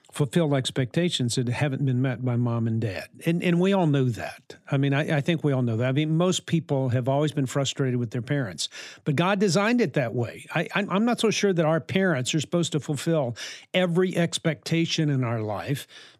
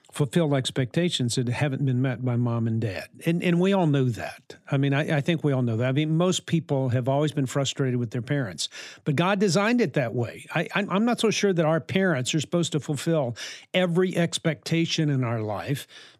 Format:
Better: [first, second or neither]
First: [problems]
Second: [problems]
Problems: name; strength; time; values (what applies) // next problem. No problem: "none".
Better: neither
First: none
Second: none